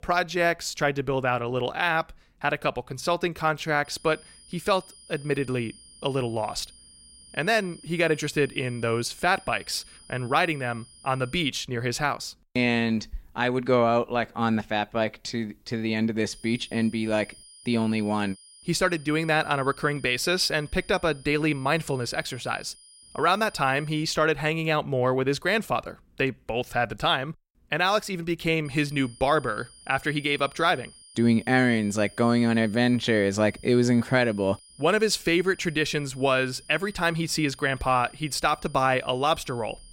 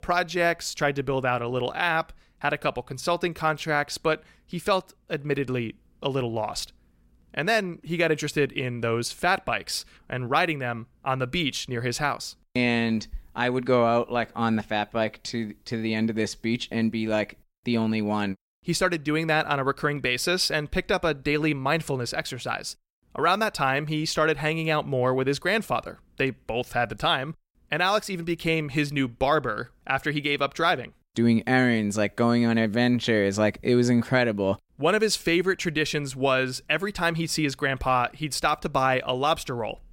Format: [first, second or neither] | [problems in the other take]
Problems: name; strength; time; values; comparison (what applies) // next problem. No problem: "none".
second | high-pitched whine; faint; from 4 to 11 s, from 16 to 24 s and from 29 s on; 9.5 kHz, 25 dB below the speech